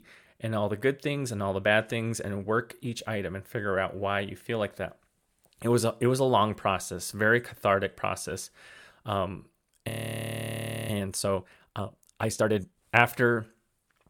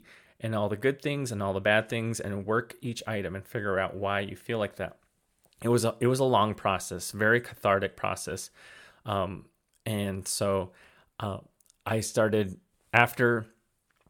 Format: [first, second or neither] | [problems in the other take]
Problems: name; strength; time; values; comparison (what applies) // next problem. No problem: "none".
second | audio freezing; at 10 s for 1 s